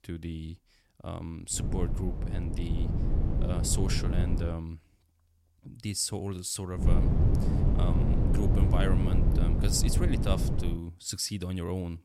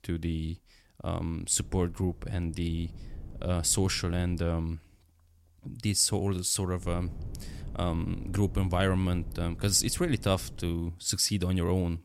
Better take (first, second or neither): second